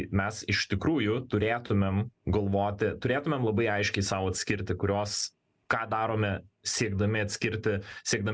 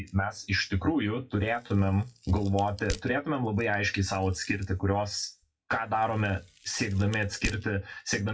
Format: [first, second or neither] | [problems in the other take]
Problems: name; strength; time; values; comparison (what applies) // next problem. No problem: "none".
first | noise reduction (classical method WPE with log-MMSE)